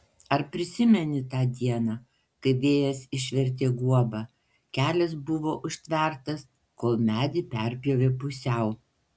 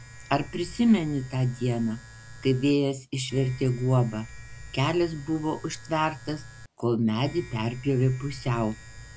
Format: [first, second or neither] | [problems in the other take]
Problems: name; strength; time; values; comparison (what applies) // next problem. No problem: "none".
first | background sound (Domestic sounds, home sounds); 17 dB below the speech